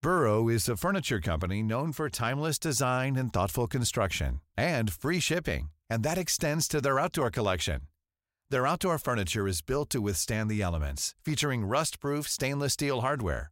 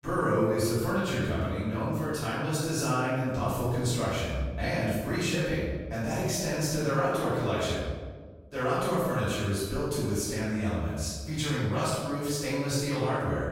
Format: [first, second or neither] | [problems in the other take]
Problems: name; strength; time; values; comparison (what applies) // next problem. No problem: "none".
first | off-mic speech; far // room echo; strong; dies away in 1.3 s